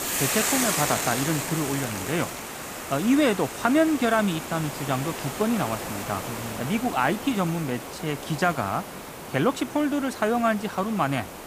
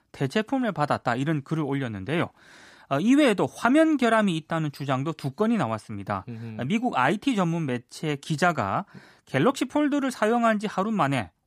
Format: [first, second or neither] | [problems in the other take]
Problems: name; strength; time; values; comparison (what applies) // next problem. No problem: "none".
second | hiss; loud; throughout; 5 dB below the speech